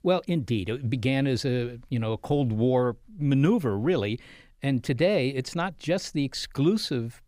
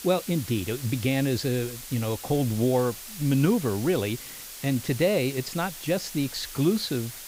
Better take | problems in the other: first | hiss; noticeable; throughout; 10 dB below the speech

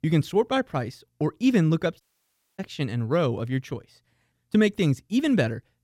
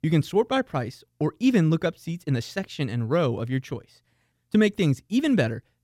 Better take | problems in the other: second | audio cutting out; at 2 s for 0.5 s

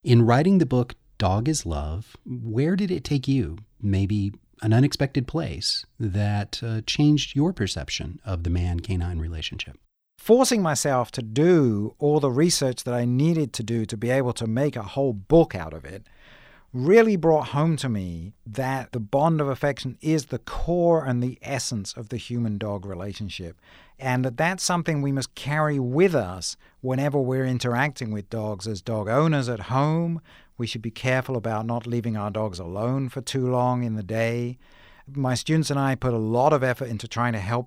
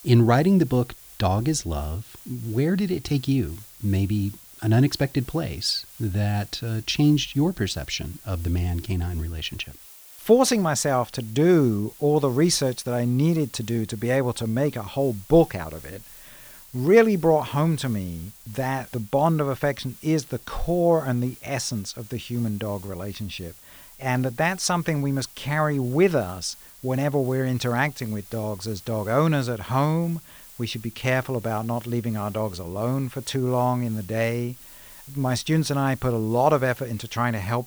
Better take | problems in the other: first | hiss; noticeable; throughout; 20 dB below the speech

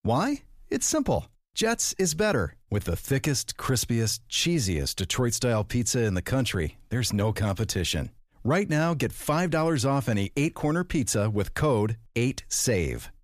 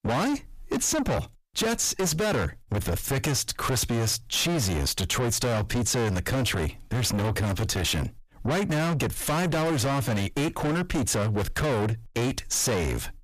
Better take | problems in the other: first | distortion; heavy; 6 dB below the speech

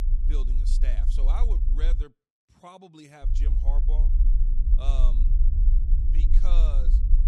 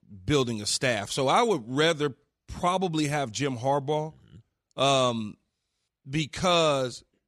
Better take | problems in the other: second | low rumble; loud; until 2 s and from 3 s on; 5 dB below the speech

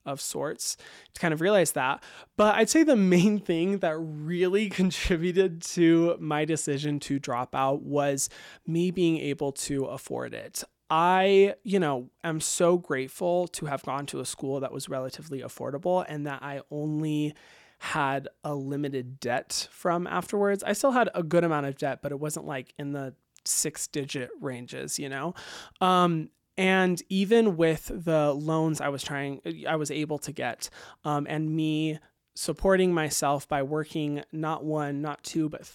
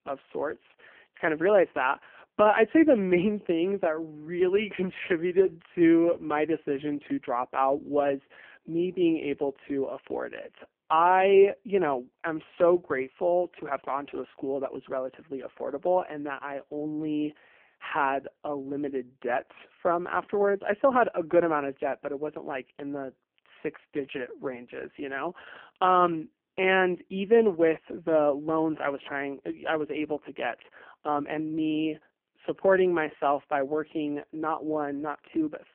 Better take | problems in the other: first | phone-call audio; poor line

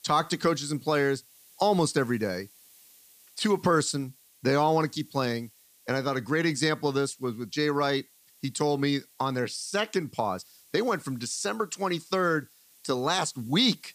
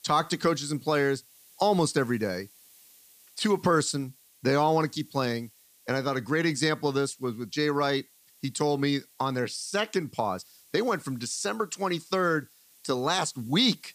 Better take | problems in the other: neither | hiss; faint; throughout; 25 dB below the speech; the same in both

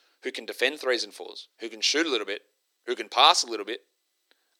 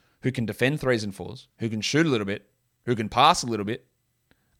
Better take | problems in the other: second | thin; very; fading below 350 Hz

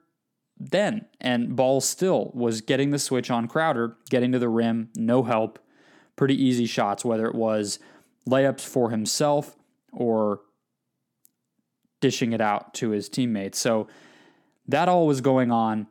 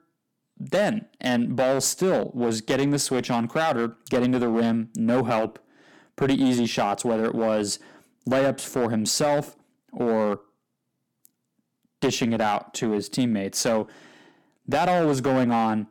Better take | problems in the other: first | distortion; slight; 7% of the sound clipped

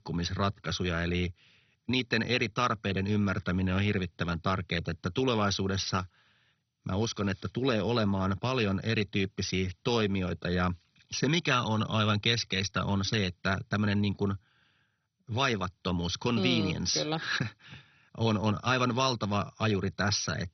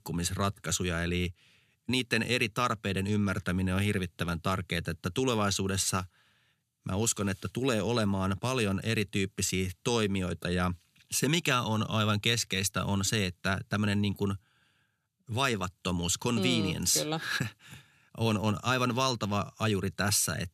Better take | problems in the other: second | garbled, watery; badly; nothing above 6 kHz

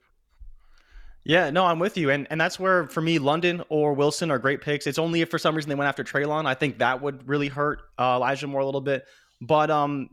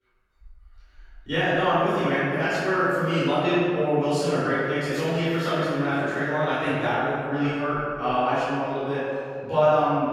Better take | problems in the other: first | off-mic speech; far // room echo; strong; dies away in 2.2 s

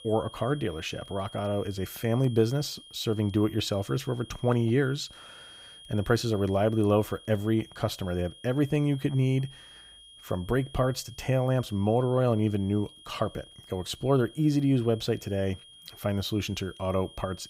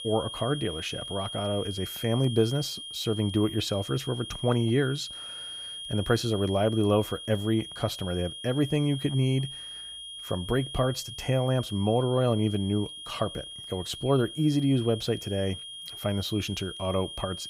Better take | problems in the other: first | high-pitched whine; loud; throughout; 3 kHz, 9 dB below the speech; faint in the first

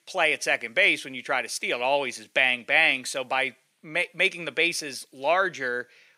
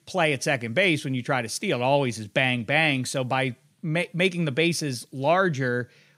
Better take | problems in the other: second | thin; somewhat; fading below 450 Hz

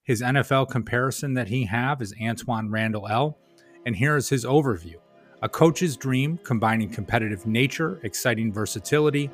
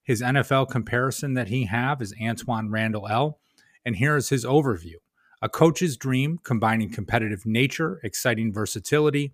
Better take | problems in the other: second | background music; faint; throughout; 30 dB below the speech

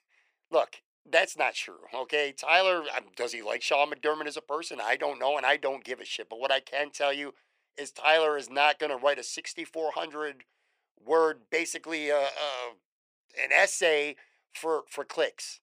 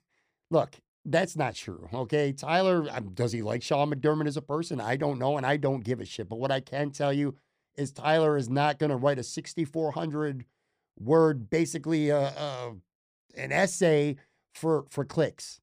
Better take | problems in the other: second | thin; very; fading below 500 Hz

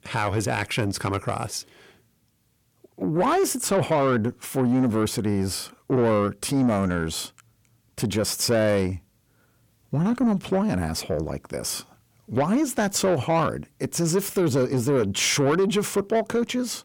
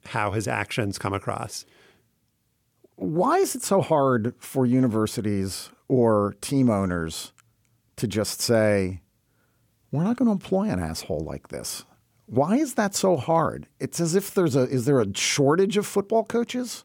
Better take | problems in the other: second | distortion; slight; 10 dB below the speech

